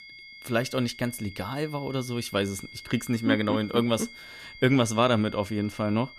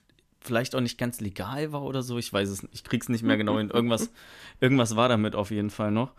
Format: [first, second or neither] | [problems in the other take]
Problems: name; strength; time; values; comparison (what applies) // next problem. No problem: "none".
second | high-pitched whine; noticeable; throughout; 2 kHz, 15 dB below the speech